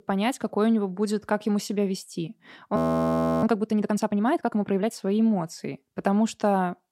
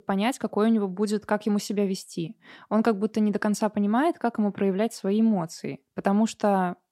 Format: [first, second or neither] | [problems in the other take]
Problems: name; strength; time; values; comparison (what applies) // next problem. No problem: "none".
second | audio freezing; at 3 s for 0.5 s